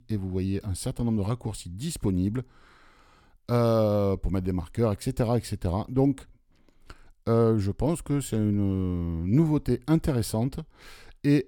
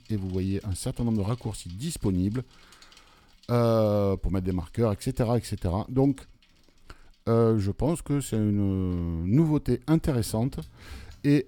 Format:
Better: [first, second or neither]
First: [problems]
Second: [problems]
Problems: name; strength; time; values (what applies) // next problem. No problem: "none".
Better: first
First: none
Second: traffic noise; faint; throughout; 30 dB below the speech